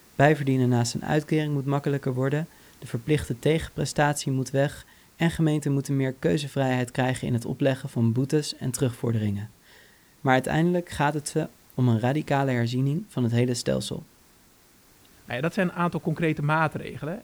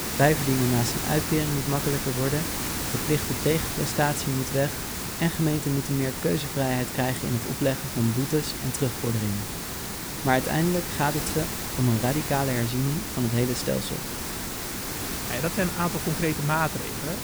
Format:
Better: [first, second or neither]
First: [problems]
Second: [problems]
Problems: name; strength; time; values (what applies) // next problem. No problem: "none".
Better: first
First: hiss; faint; throughout; 30 dB below the speech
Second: hiss; loud; throughout; 3 dB below the speech